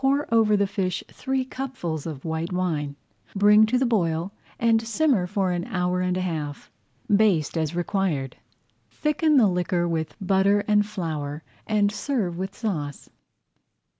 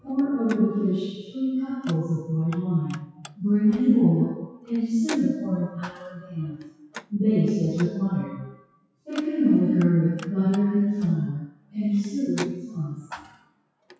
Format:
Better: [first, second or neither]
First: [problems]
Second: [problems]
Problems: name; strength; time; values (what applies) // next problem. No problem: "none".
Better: first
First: none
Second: noise reduction (classical method WPE with log-MMSE)